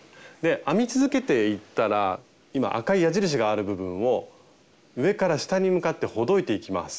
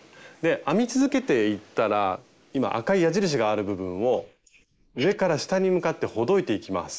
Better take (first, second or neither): first